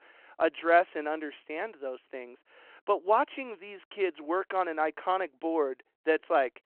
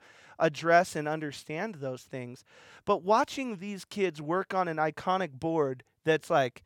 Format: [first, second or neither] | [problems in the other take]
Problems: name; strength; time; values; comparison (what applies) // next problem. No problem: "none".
second | phone-call audio